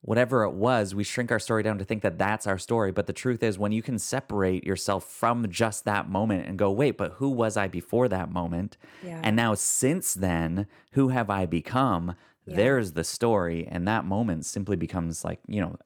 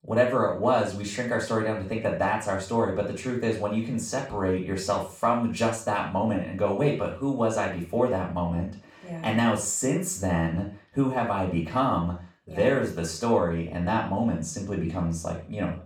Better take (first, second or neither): first